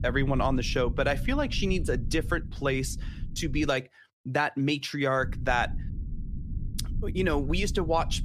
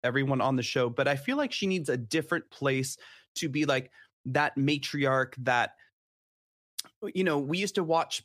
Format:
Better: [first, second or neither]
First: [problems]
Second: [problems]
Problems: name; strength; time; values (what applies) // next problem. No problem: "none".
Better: second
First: low rumble; faint; until 3.5 s and from 5 s on; 20 dB below the speech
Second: none